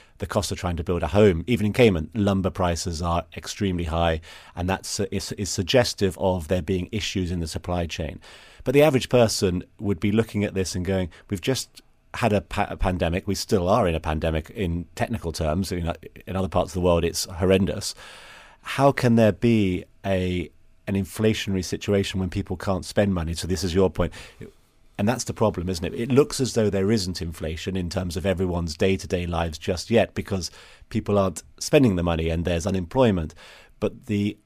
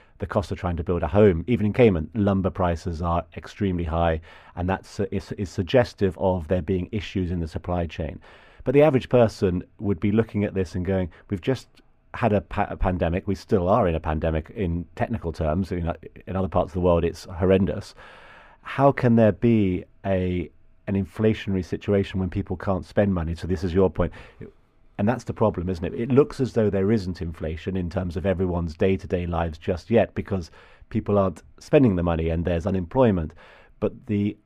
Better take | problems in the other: first | muffled; very; fading above 3.5 kHz

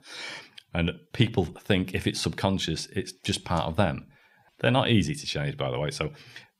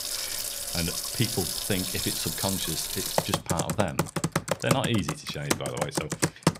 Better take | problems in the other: first | household noises; very loud; throughout; 3 dB above the speech

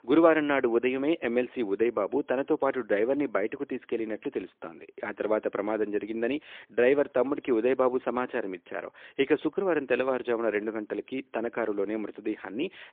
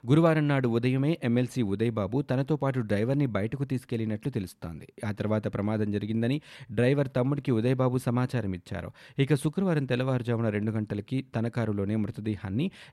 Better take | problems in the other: second | phone-call audio; poor line

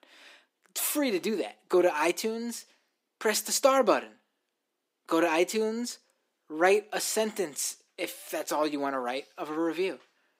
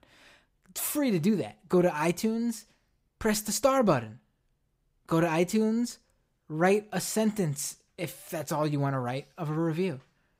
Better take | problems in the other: second | thin; somewhat; fading below 300 Hz

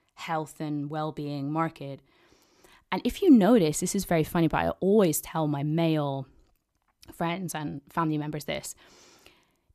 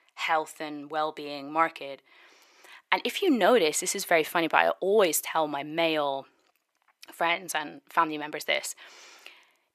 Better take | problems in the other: first | thin; somewhat; fading below 550 Hz

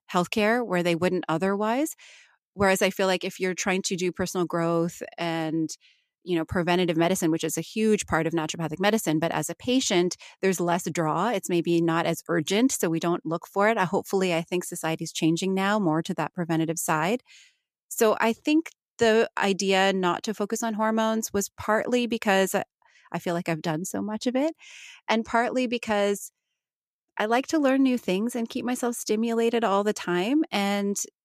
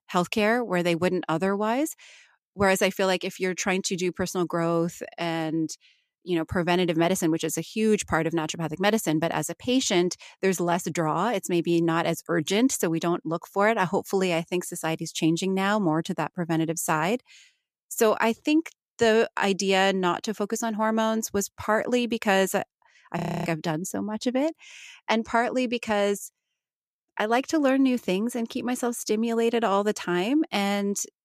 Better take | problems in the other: first | audio freezing; at 23 s

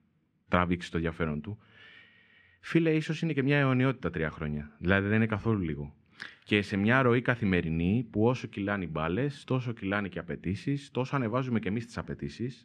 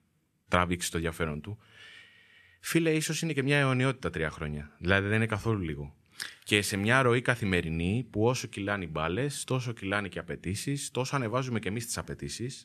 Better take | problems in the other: second | muffled; slightly; fading above 3 kHz

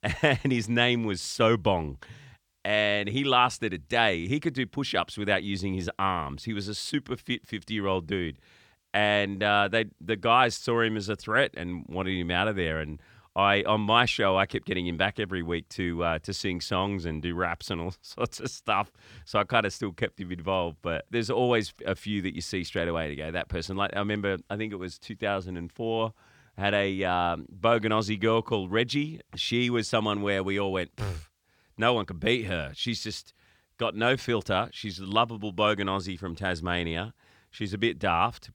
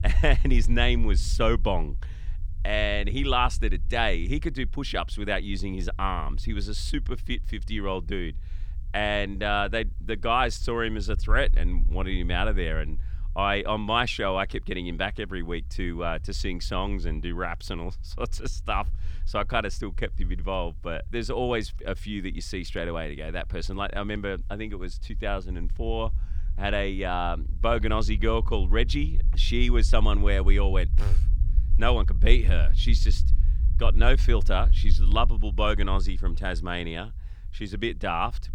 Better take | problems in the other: first | low rumble; faint; throughout; 25 dB below the speech

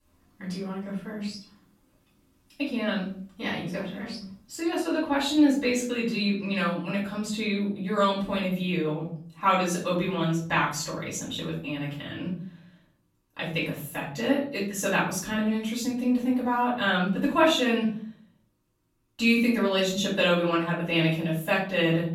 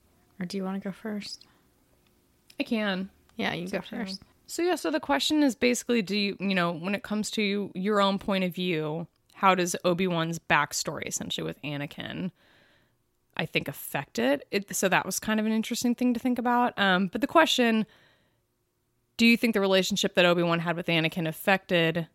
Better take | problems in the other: second | off-mic speech; far // room echo; noticeable; dies away in 0.5 s

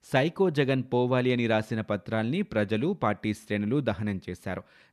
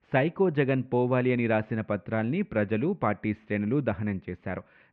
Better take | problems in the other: first | muffled; very; fading above 2.5 kHz

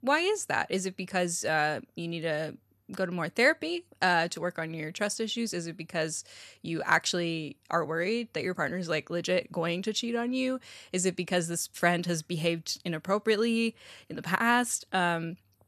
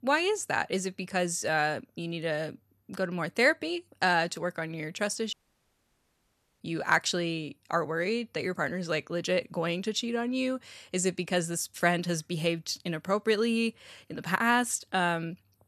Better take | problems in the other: first | audio cutting out; at 5.5 s for 1.5 s

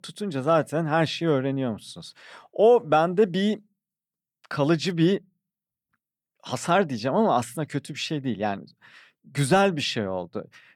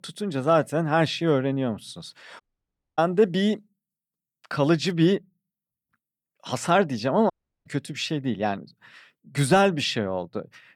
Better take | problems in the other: first | audio cutting out; at 2.5 s for 0.5 s and at 7.5 s

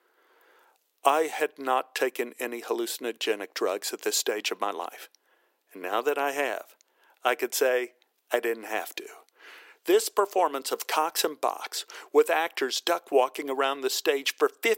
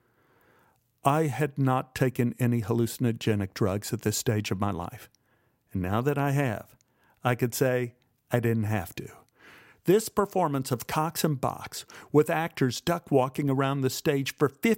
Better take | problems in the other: second | thin; very; fading below 350 Hz

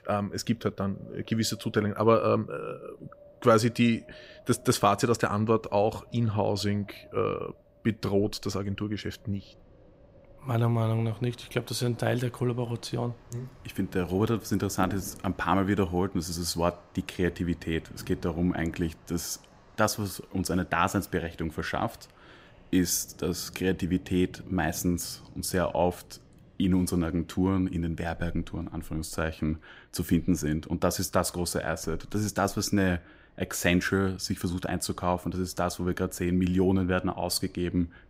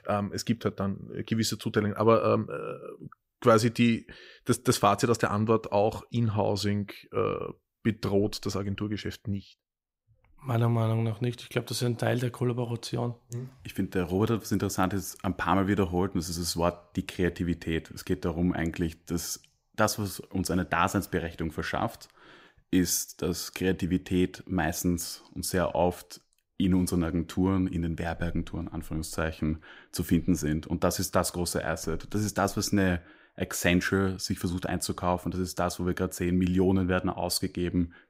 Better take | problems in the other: second | wind in the background; faint; throughout; 25 dB below the speech

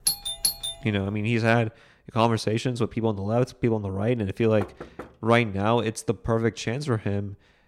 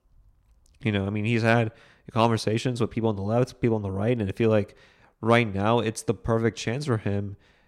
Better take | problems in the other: second | doorbell; loud; at the start; peak 1 dB above the speech // door banging; faint; at 4.5 s; peak 15 dB below the speech

